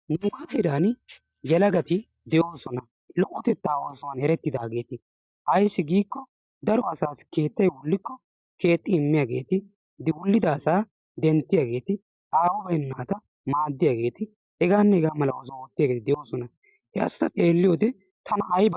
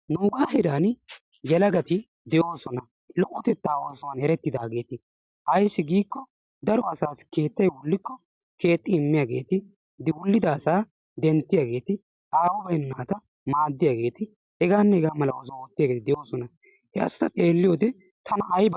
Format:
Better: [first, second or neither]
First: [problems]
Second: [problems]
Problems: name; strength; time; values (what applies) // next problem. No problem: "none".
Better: second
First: noise reduction (neural mask model DeepFilterNet 3)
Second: none